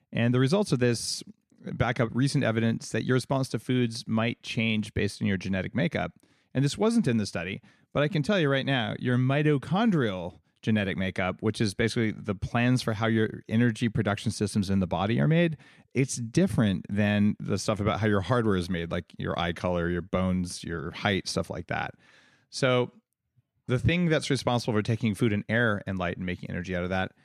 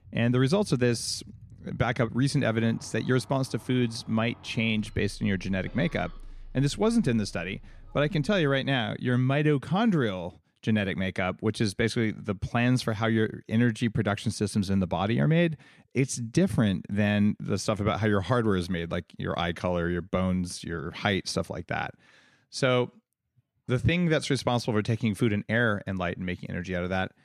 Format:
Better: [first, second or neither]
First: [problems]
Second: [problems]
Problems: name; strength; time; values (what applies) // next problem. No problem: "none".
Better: first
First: none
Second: traffic noise; faint; until 8.5 s; 25 dB below the speech